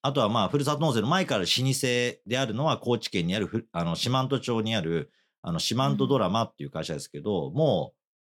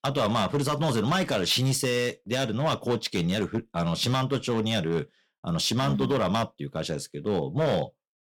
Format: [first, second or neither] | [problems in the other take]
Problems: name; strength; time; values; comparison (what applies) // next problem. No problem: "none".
first | distortion; slight; 7% of the sound clipped